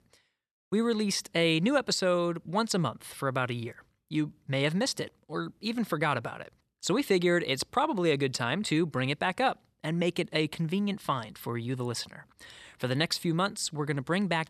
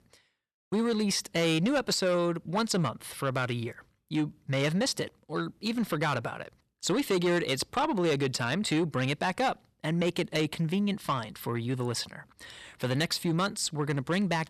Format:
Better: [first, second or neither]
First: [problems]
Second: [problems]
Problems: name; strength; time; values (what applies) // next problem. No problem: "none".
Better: first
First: none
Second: distortion; slight; 10 dB below the speech